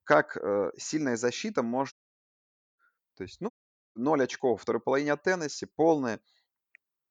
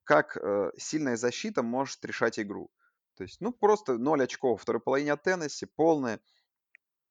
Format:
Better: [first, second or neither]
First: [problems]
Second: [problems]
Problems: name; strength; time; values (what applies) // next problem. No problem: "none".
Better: second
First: audio cutting out; at 2 s for 1 s and at 3.5 s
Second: none